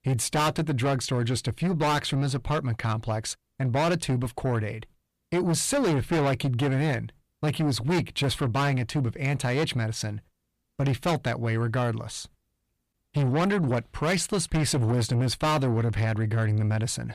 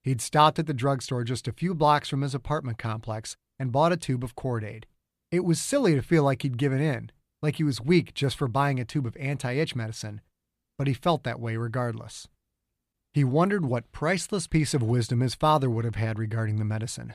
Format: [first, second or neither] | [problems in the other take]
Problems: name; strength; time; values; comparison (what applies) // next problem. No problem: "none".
second | distortion; heavy; 6 dB below the speech